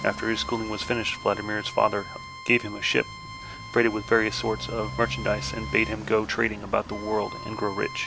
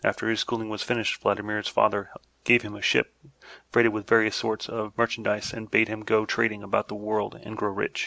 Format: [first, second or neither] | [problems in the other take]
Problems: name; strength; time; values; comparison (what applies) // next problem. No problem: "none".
second | background sound (Bowed string instrument + Motorcycle); 10 dB below the speech